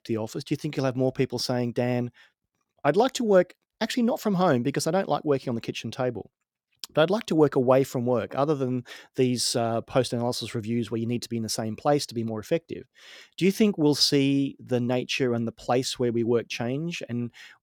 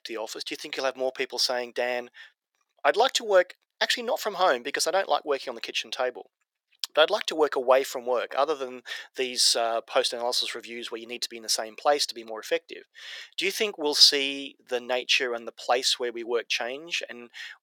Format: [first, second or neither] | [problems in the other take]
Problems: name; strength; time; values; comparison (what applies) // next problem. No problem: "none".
first | thin; very; fading below 500 Hz